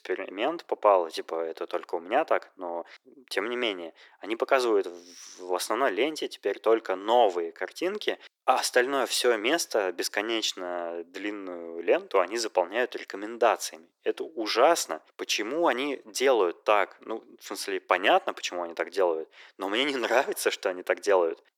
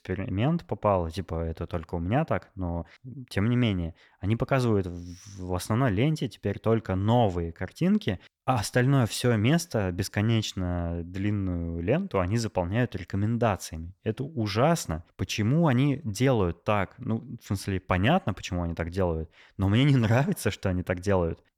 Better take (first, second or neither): second